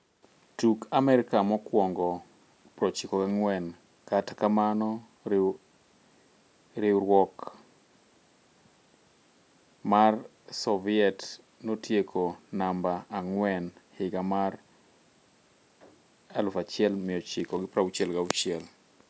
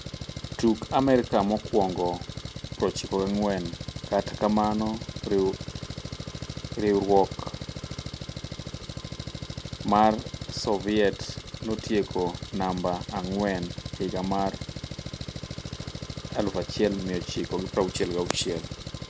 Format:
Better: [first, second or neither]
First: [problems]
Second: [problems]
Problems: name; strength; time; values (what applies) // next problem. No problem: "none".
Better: first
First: none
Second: background sound (Engine); 8 dB below the speech